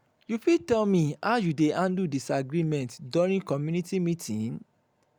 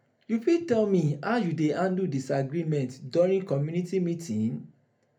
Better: first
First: none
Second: room echo; dies away in 0.3 s

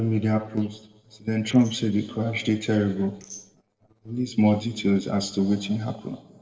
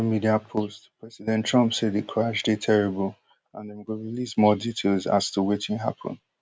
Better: second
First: noise reduction (neural separator model SepFormer DNS4)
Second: none

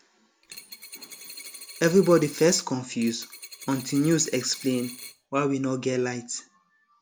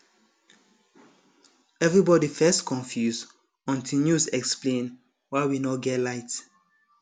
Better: second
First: background sound (Coin (dropping)); 16 dB below the speech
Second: none

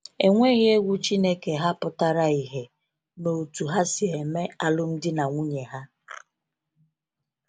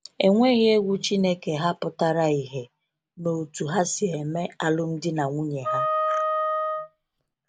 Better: first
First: none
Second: background sound (Wind instrument, woodwind instrument); 3 dB below the speech

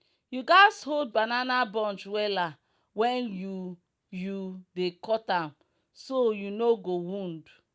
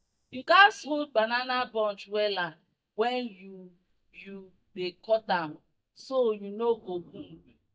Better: first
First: none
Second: noise reduction (neural mask model DeepFilterNet 3)

